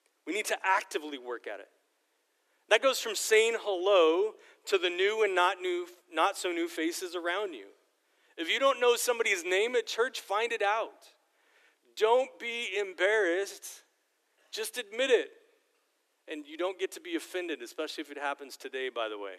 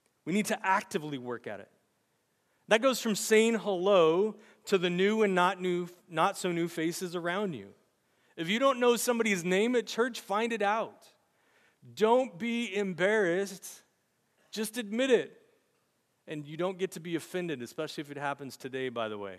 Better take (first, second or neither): second